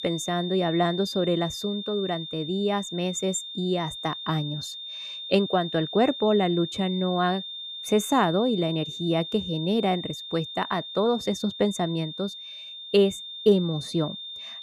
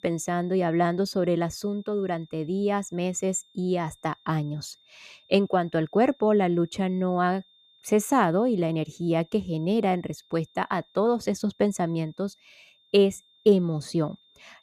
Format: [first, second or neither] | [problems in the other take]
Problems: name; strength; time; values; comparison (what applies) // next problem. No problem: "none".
second | high-pitched whine; loud; throughout; 3.5 kHz, 9 dB below the speech; faint in the second